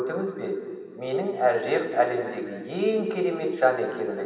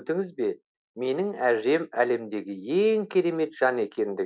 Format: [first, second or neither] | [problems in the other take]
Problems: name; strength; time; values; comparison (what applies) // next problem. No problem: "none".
second | room echo; dies away in 2.3 s